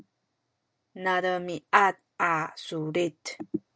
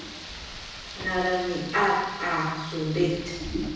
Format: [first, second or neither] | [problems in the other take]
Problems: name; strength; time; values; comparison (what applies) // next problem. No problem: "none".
first | background sound (Rain); 11 dB below the speech // room echo; dies away in 1.1 s